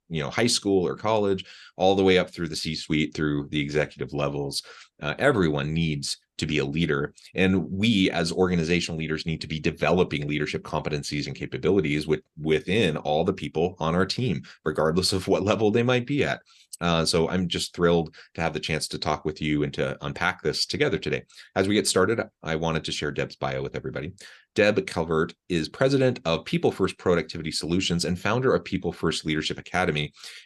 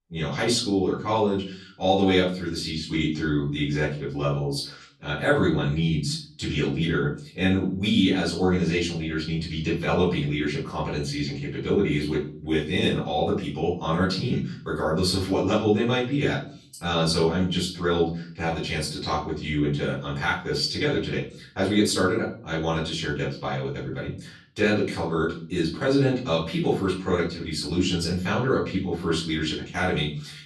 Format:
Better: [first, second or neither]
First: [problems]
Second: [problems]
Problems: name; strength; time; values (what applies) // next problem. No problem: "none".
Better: first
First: none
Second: room echo; slight; dies away in 0.4 s // off-mic speech; far